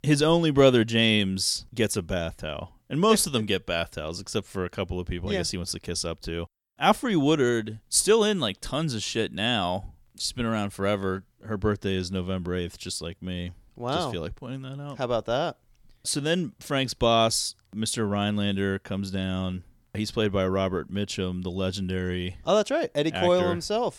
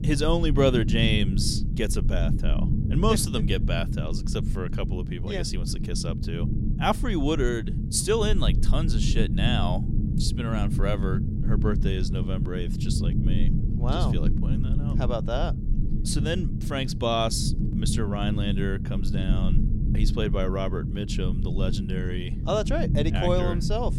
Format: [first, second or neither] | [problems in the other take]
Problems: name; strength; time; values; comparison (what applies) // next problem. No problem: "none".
first | low rumble; loud; throughout; 8 dB below the speech